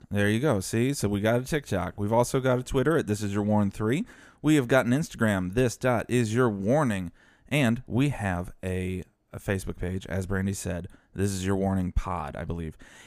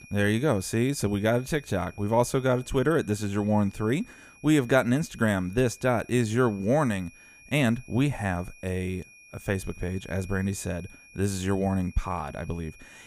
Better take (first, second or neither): first